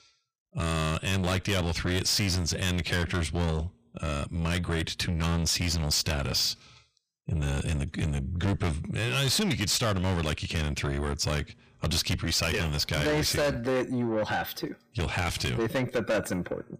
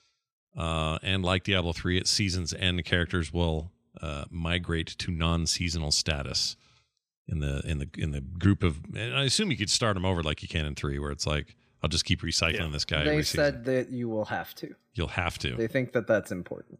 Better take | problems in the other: second | distortion; heavy; 5 dB below the speech

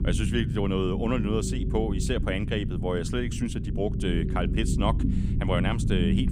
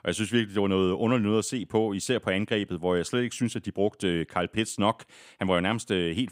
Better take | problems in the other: second | low rumble; loud; throughout; 8 dB below the speech

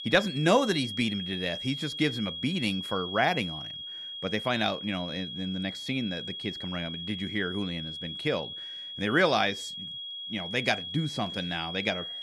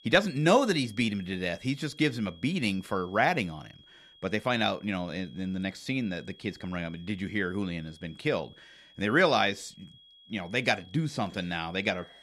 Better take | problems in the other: second | high-pitched whine; loud; throughout; 3.5 kHz, 6 dB below the speech; faint in the second

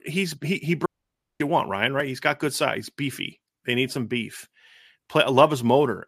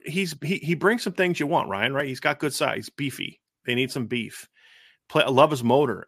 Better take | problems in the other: second | audio cutting out; at 1 s for 0.5 s

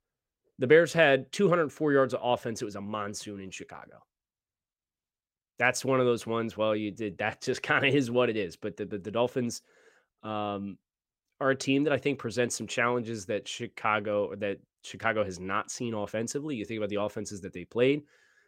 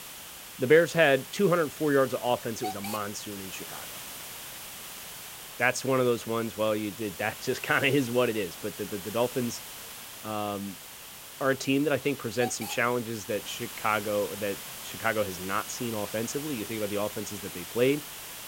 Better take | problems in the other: first | hiss; noticeable; throughout; 10 dB below the speech

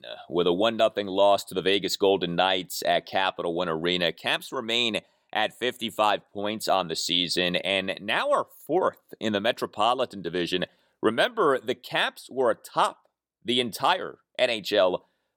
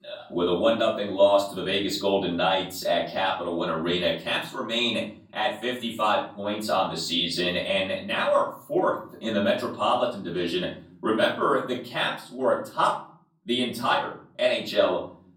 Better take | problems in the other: first | room echo; slight; dies away in 0.6 s // off-mic speech; far

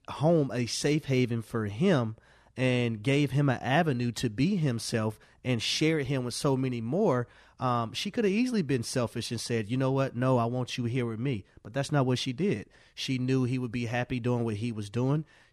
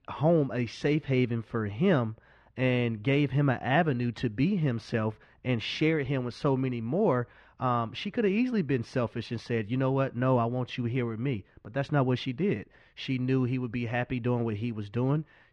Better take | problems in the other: first | muffled; slightly; fading above 2.5 kHz

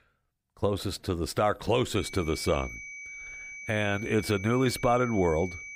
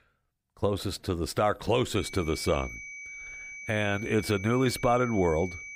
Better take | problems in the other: neither | high-pitched whine; noticeable; from 2 s on; 2.5 kHz, 10 dB below the speech; the same in both

